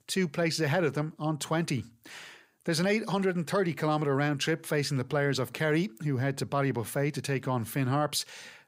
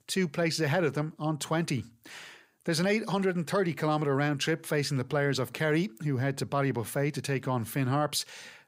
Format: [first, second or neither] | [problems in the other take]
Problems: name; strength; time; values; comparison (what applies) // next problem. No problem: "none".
neither | none